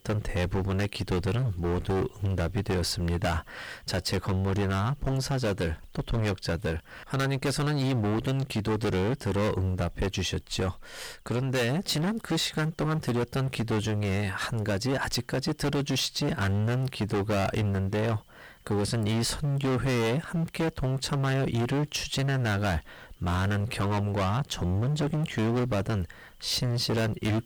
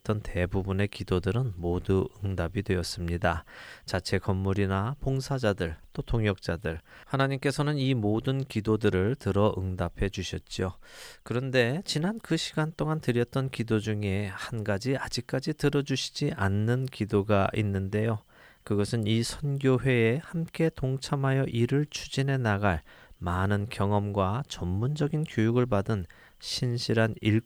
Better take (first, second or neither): second